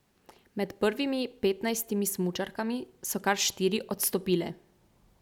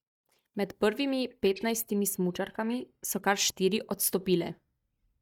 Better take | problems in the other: first | noise reduction (neural mask model DeepFilterNet 3)

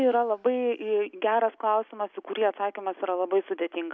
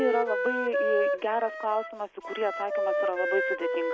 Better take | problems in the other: first | background sound (Wind instrument, woodwind instrument); 1 dB above the speech

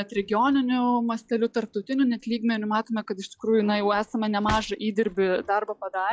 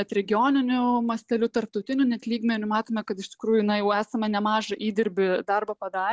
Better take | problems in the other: second | noise reduction (classical method log-MMSE)

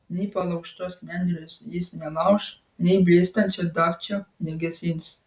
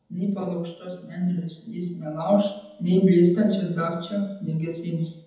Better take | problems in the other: first | room echo; dies away in 1 s

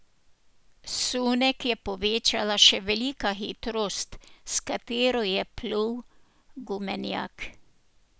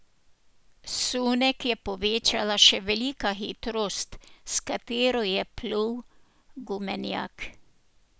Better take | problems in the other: first | background sound (Brass instrument); 20 dB below the speech

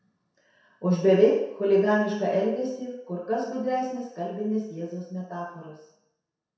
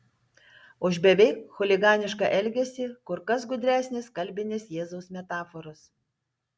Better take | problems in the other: second | room echo; dies away in 0.7 s

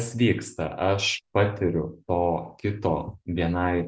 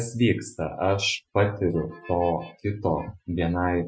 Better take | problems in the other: first | noise reduction (classical method Wiener filter)

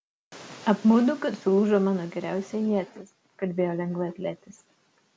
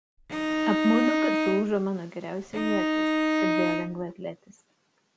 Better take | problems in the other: first | background sound (Bowed string instrument); 4 dB above the speech

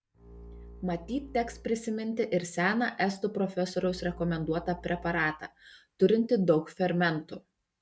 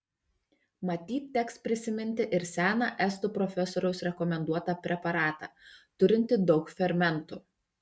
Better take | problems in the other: second | background sound (Bowed string instrument); 18 dB below the speech

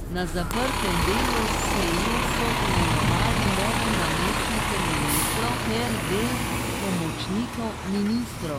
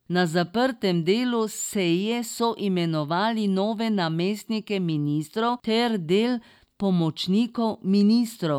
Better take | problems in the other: second | background sound (Bus); 4 dB above the speech

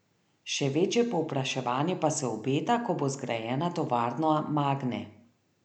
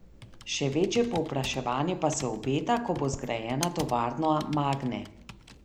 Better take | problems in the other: first | background sound (Computer keyboard); 15 dB below the speech

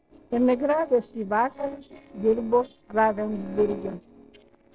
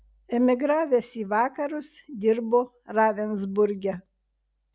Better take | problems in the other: second | noise reduction (neural separator model SepFormer DNS4)

